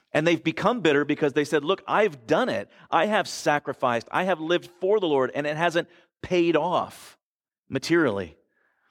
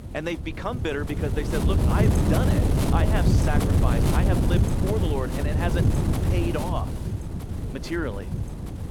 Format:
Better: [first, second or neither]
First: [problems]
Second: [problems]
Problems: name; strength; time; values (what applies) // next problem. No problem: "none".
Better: first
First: none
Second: wind noise on the microphone; heavy; 1 dB below the speech